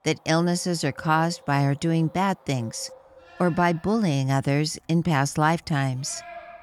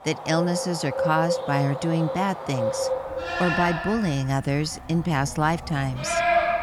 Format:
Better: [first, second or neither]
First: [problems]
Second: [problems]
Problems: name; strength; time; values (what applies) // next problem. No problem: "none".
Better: first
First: animal sounds; faint; throughout; 25 dB below the speech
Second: animal sounds; loud; throughout; 2 dB below the speech